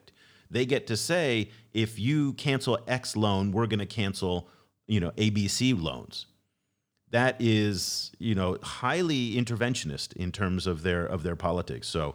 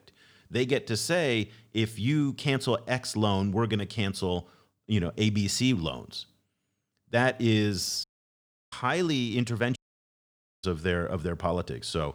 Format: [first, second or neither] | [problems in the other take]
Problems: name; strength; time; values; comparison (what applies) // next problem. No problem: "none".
first | audio cutting out; at 8 s for 0.5 s and at 10 s for 1 s